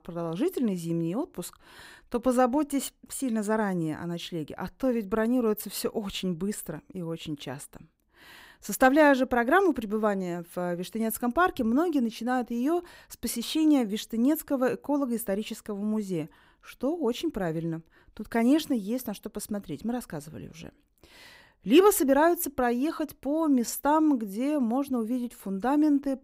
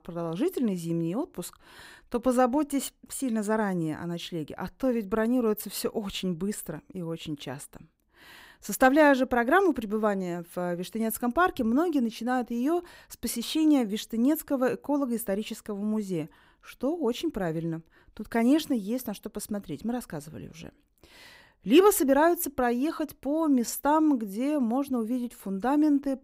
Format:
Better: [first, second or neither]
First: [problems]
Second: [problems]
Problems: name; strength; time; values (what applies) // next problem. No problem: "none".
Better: neither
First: none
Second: none